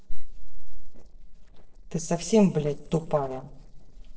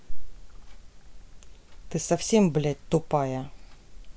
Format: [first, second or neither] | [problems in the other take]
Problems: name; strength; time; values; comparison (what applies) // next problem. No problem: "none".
second | noise reduction (neural separator model SepFormer DNS4)